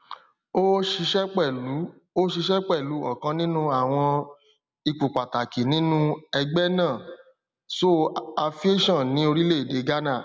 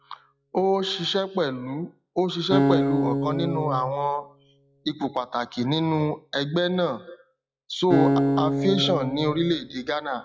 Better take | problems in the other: first | noise reduction (classical method log-MMSE)

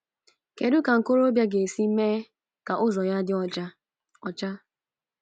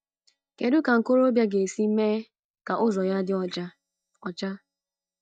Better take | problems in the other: first | noise reduction (neural mask model DeepFilterNet 3)

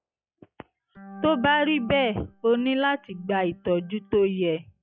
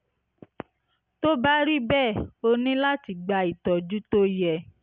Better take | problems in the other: second | noise reduction (classical method log-MMSE)

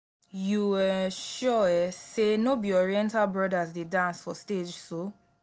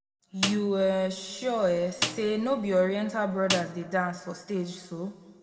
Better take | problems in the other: first | background sound (Snare drum); 9 dB below the speech // room echo; dies away in 1.7 s

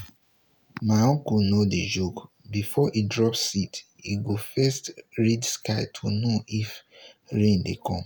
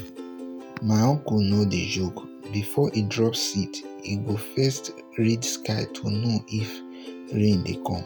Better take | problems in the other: first | background sound (Plucked string instrument); 14 dB below the speech

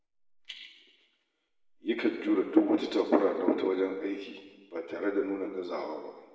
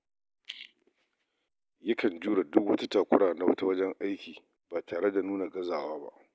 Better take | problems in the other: second | room echo; dies away in 1.2 s

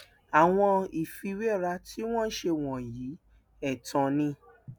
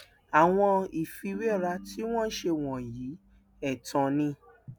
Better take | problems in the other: first | background sound (Ringtone); 17 dB below the speech

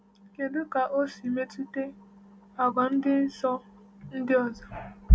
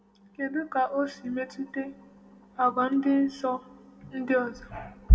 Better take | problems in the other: first | room echo; dies away in 1.8 s

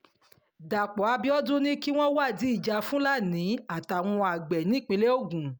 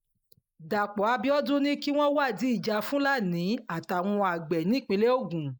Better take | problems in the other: first | noise reduction (neural mask model Resemble Enhance denoiser)

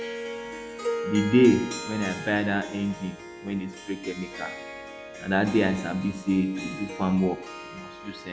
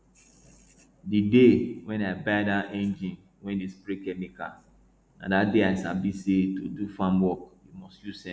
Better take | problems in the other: second | background sound (Harp); 10 dB below the speech

